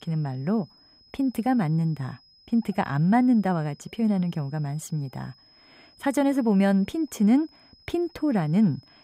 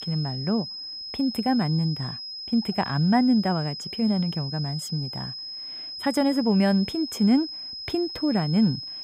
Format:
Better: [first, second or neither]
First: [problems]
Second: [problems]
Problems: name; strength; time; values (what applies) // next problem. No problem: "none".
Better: first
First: high-pitched whine; faint; throughout; 5 kHz, 30 dB below the speech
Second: high-pitched whine; loud; throughout; 5 kHz, 8 dB below the speech